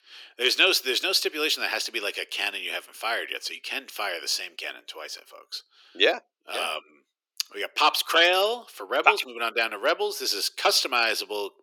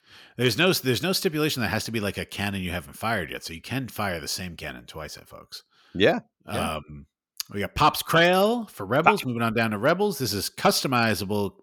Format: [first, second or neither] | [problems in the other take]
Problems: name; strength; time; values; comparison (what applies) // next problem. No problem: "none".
second | thin; very; fading below 350 Hz